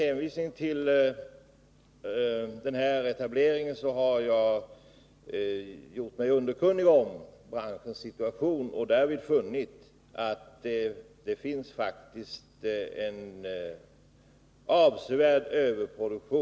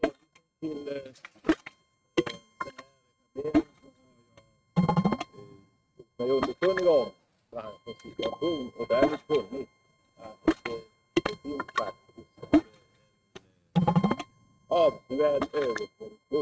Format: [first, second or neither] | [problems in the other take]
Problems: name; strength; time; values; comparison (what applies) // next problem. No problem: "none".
first | noise reduction (neural mask model RNNoise)